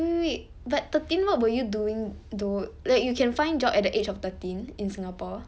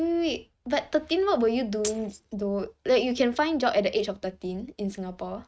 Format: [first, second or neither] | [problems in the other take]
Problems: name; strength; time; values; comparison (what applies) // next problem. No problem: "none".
first | noise reduction (neural mask model RNNoise)